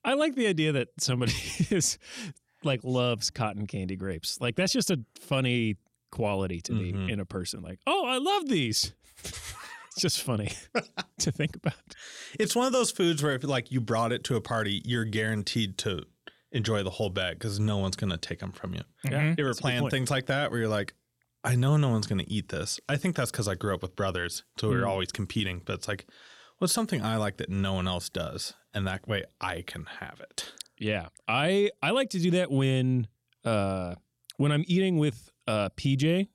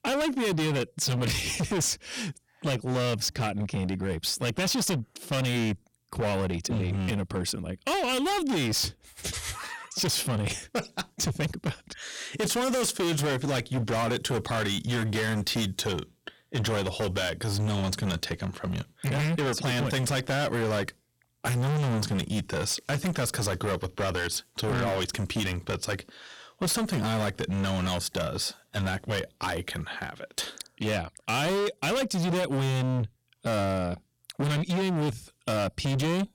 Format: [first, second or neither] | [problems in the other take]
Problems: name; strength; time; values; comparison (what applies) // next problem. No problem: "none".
first | distortion; heavy; 26% of the sound clipped